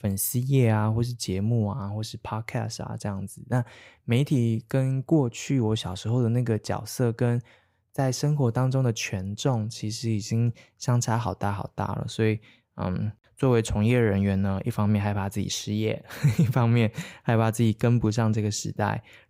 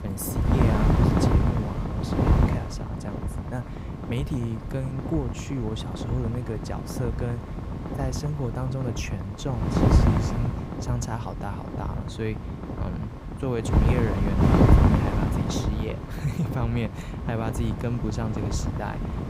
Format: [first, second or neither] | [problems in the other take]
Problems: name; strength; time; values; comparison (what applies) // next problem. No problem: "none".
first | wind noise on the microphone; heavy; 3 dB above the speech